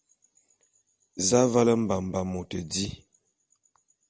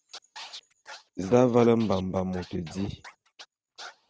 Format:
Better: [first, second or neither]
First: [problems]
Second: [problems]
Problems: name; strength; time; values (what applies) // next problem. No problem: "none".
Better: first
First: none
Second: noise reduction (neural mask model RNNoise)